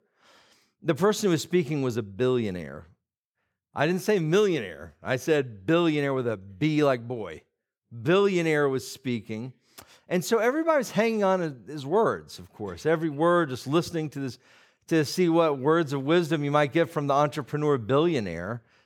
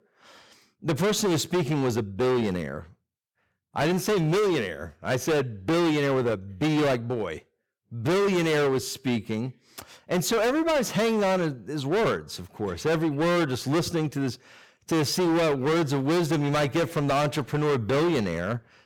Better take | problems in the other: first | distortion; heavy; 22% of the sound clipped

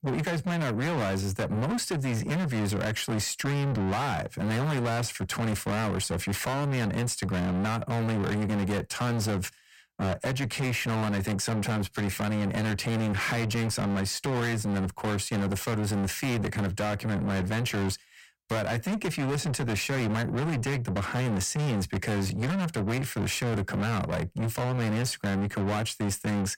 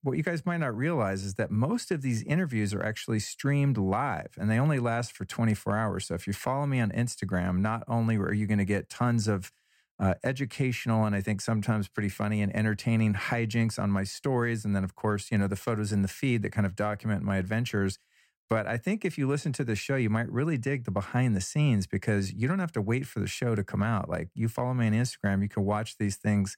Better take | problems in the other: second | distortion; heavy; 6 dB below the speech

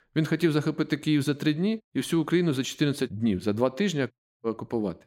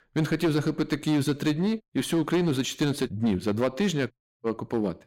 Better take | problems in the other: first | distortion; slight; 10% of the sound clipped

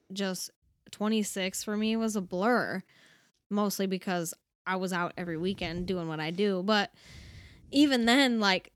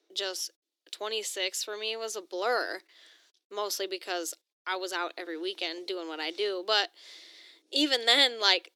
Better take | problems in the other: first | thin; somewhat; fading below 300 Hz

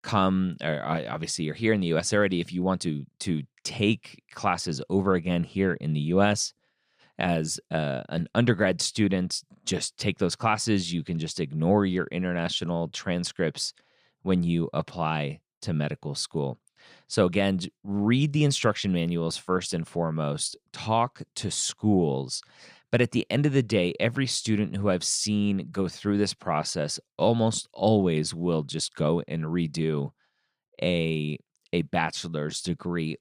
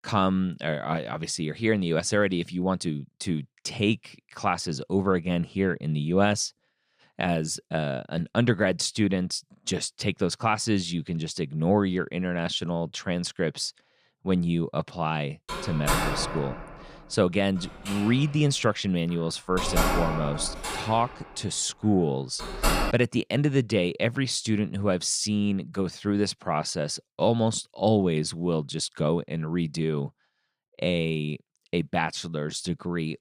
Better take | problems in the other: first | door banging; loud; from 15 to 23 s; peak 2 dB above the speech

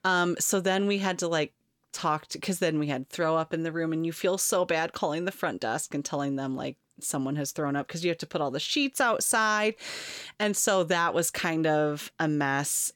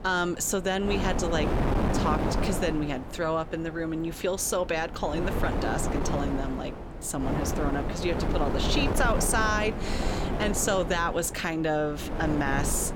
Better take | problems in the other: first | wind noise on the microphone; heavy; 4 dB below the speech

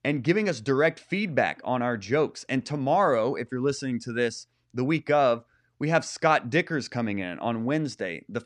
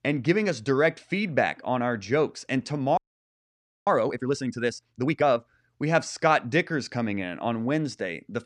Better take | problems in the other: first | audio freezing; at 3 s for 1 s

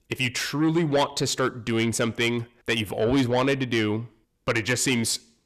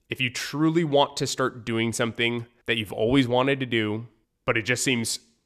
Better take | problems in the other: second | distortion; slight; 10 dB below the speech

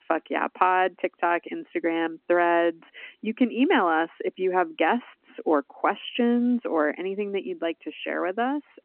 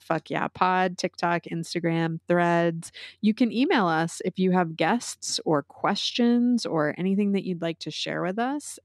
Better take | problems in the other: second | phone-call audio

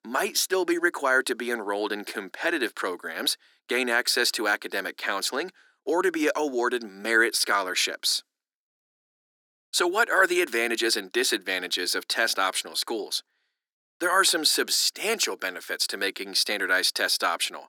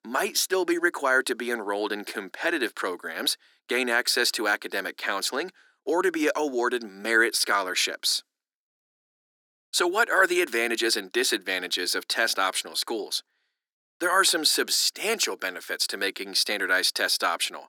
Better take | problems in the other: neither | thin; somewhat; fading below 250 Hz; the same in both

